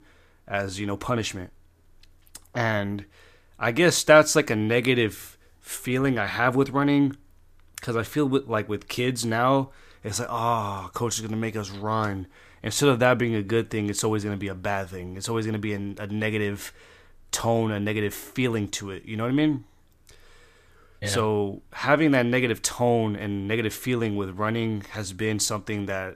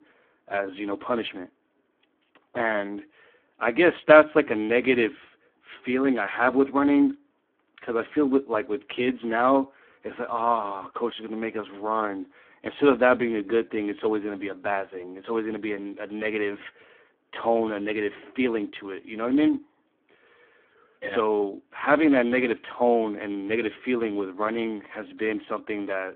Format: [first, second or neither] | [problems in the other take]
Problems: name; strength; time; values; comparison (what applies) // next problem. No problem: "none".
first | phone-call audio; poor line